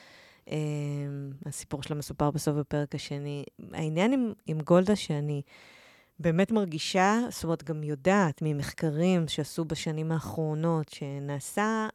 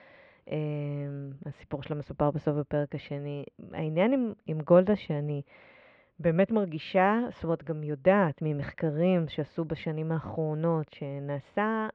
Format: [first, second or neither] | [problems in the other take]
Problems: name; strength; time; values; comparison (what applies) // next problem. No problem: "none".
first | muffled; very; fading above 3 kHz